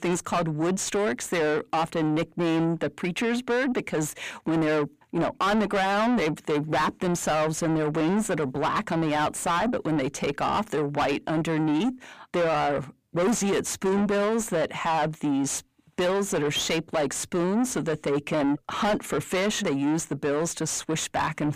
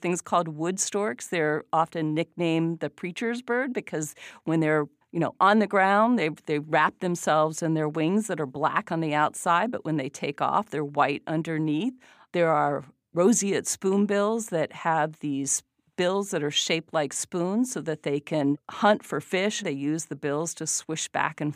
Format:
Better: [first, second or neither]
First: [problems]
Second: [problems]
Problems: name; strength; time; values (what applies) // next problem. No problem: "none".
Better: second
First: distortion; heavy; 5 dB below the speech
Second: none